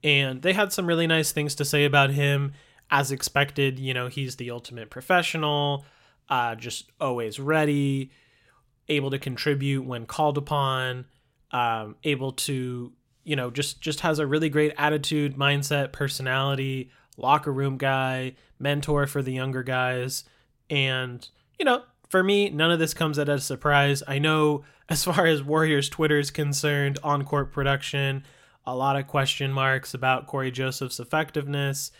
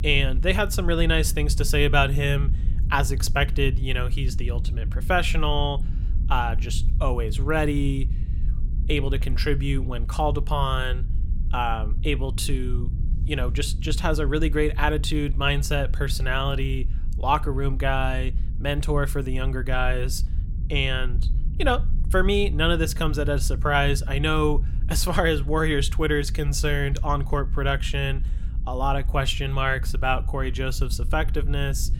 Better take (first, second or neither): first